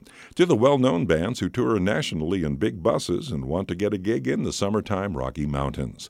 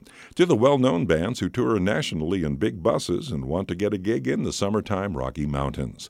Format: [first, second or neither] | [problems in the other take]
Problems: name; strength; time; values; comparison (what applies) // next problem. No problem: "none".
neither | none